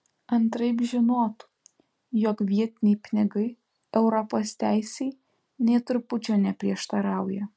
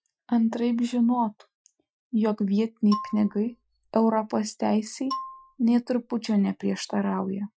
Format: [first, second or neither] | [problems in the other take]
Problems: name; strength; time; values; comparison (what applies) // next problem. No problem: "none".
first | noise reduction (classical method Wiener filter)